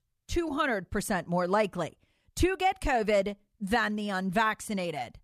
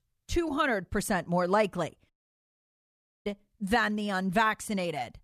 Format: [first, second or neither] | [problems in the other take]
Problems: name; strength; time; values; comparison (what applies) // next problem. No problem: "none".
first | audio cutting out; at 2 s for 1 s